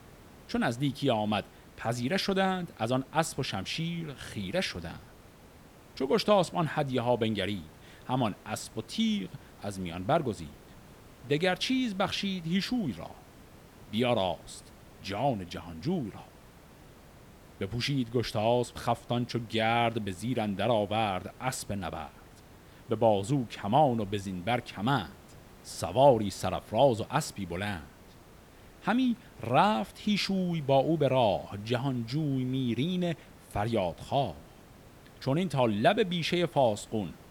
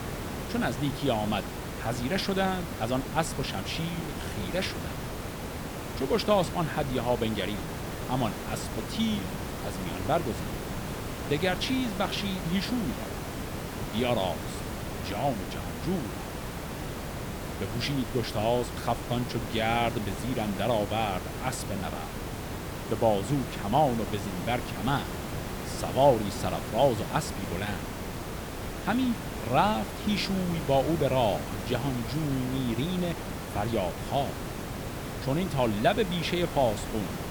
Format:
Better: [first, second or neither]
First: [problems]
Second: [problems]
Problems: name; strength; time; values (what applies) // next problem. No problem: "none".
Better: first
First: hiss; faint; throughout; 25 dB below the speech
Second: hiss; loud; throughout; 6 dB below the speech